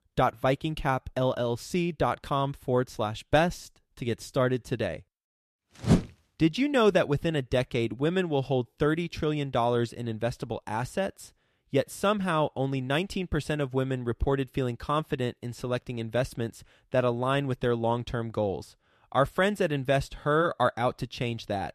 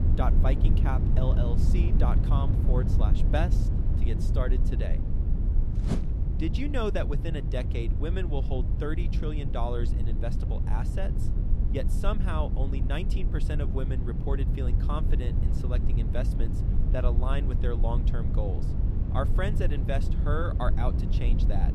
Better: first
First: none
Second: low rumble; loud; throughout; 6 dB below the speech

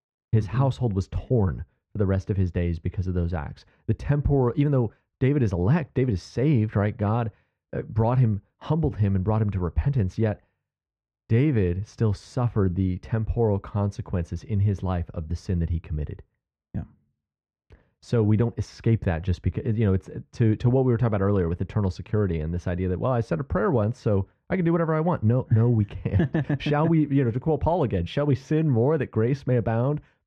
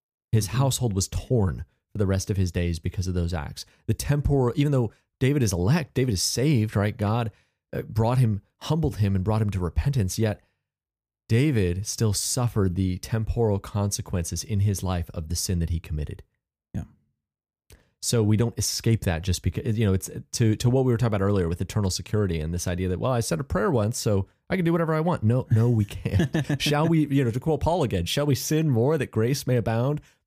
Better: second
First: muffled; very; fading above 2 kHz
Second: none

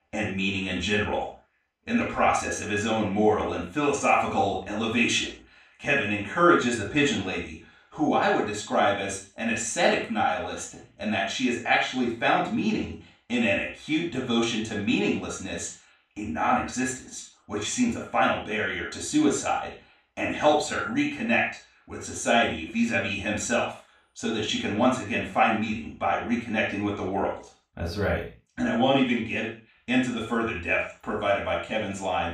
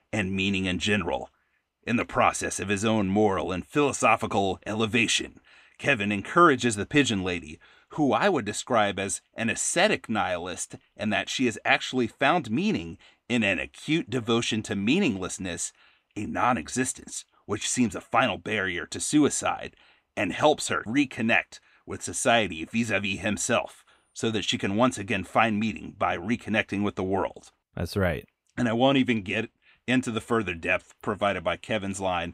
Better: second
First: room echo; noticeable; dies away in 0.3 s // off-mic speech; far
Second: none

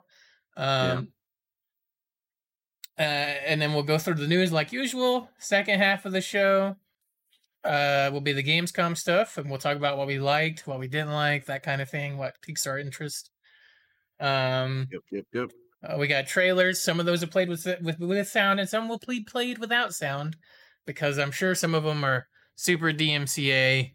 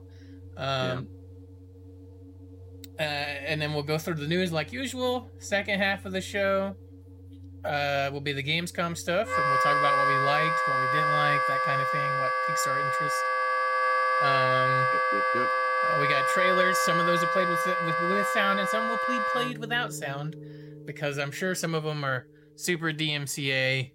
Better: first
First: none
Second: background music; very loud; throughout; 5 dB above the speech

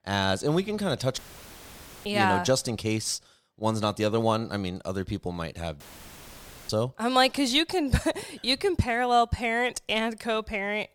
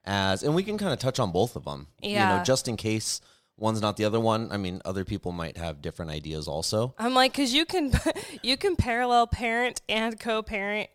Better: second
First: audio cutting out; filled with static; at 1 s for 1 s and at 6 s for 1 s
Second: none

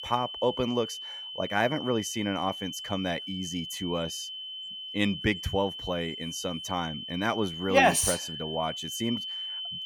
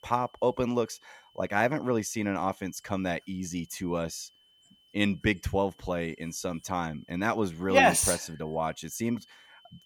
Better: second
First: high-pitched whine; loud; throughout; 3 kHz, 7 dB below the speech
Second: high-pitched whine; faint; throughout; 3 kHz, 30 dB below the speech

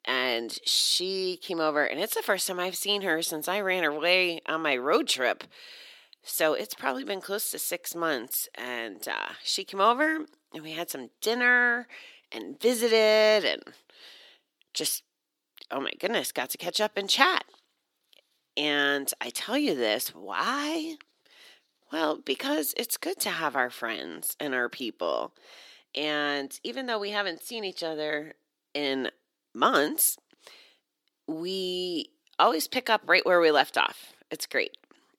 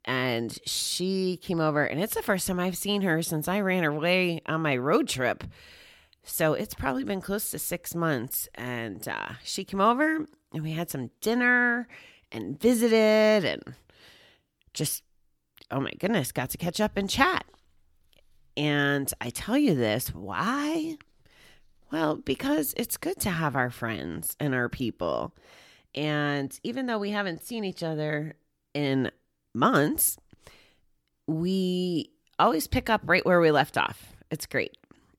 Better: second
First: thin; somewhat; fading below 350 Hz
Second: none

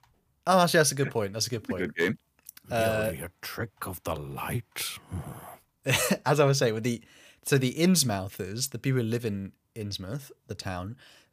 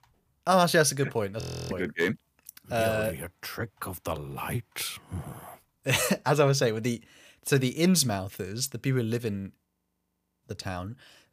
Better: first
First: none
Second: audio freezing; at 1.5 s and at 9.5 s for 1 s

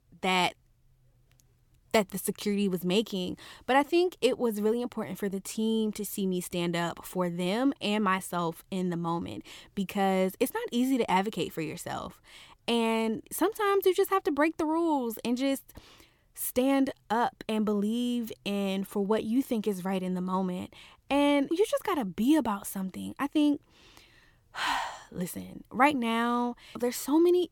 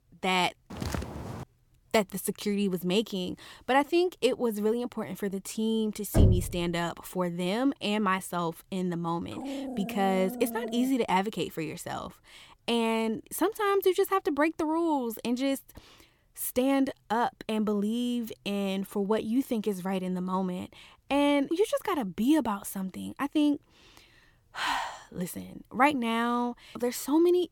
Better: first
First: none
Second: footsteps; noticeable; at 0.5 s; peak 6 dB below the speech // door banging; loud; at 6 s; peak 5 dB above the speech // dog barking; noticeable; from 9.5 to 11 s; peak 7 dB below the speech

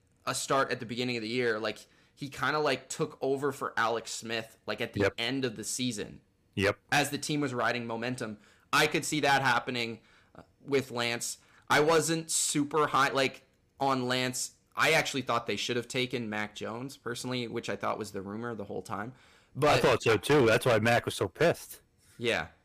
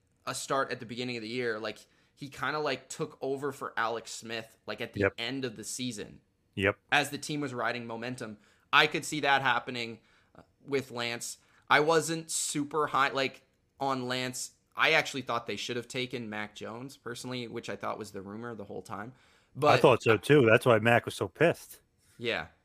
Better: second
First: distortion; heavy; 3% of the sound clipped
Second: none

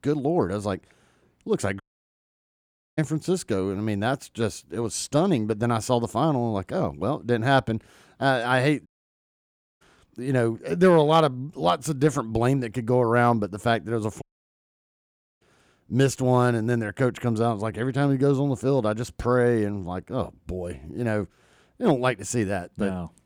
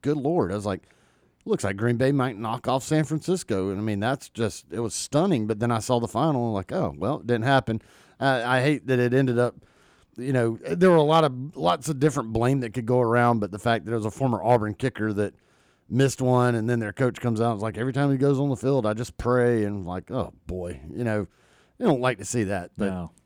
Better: second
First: audio cutting out; at 2 s for 1 s, at 9 s for 1 s and at 14 s for 1 s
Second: none

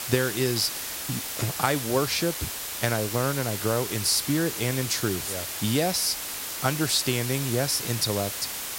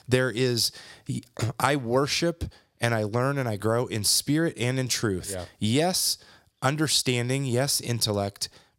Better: second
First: hiss; loud; throughout; 4 dB below the speech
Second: none

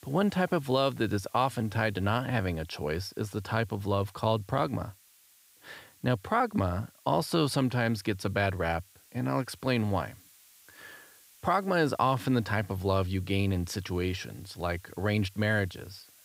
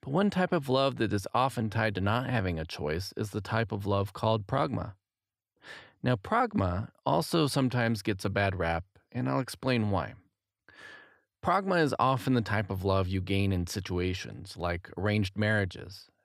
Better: second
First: hiss; faint; throughout; 25 dB below the speech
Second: none

